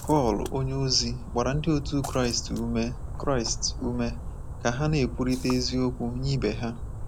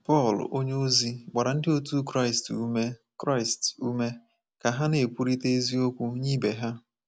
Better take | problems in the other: second | background sound (Splash, splatter); 7 dB below the speech

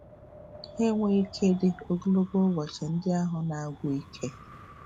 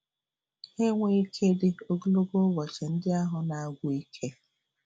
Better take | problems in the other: second | background sound (Wind); 20 dB below the speech

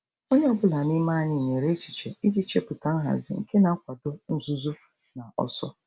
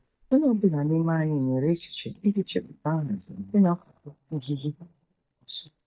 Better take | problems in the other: first | noise reduction (neural mask model DeepFilterNet 3)

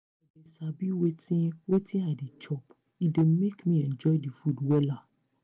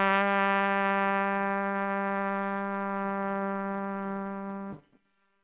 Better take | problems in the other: first | noise reduction (neural separator model SepFormer WHAMR!)

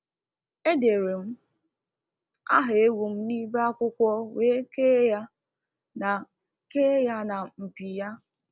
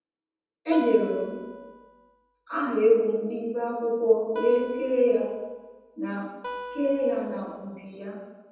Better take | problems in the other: first | background sound (Acoustic guitar); 15 dB below the speech // room echo; dies away in 1.1 s

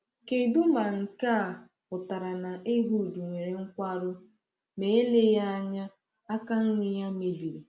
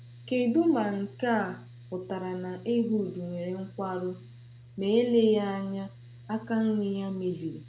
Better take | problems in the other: first | background sound (Mechanical fan); 19 dB below the speech

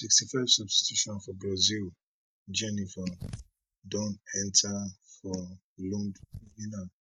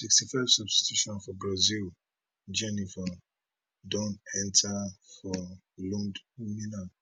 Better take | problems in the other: second | noise reduction (neural mask model DeepFilterNet 3)

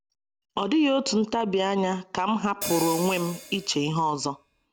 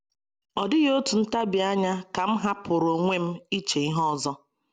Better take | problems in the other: second | background sound (Hi-hat); 11 dB below the speech

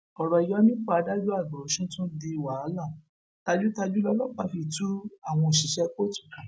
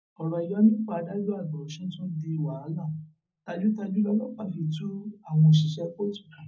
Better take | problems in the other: first | room echo; dies away in 0.4 s

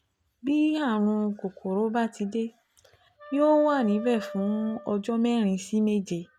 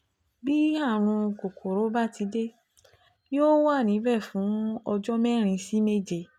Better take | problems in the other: second | background sound (Wind instrument, woodwind instrument); 16 dB below the speech

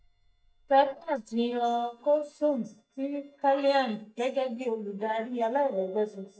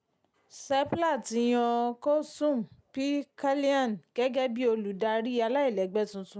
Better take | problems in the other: second | noise reduction (neural mask model DeepFilterNet 3)

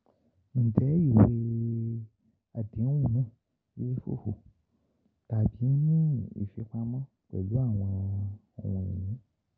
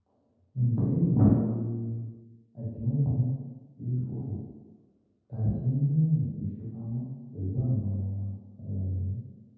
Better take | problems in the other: first | room echo; dies away in 1.2 s

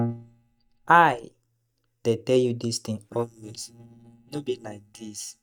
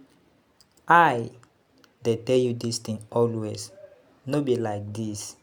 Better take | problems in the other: second | noise reduction (neural mask model DeepFilterNet 3)

